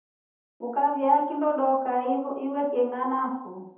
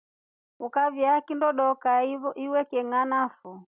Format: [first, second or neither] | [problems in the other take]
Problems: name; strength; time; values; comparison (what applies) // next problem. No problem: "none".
second | room echo; dies away in 2.1 s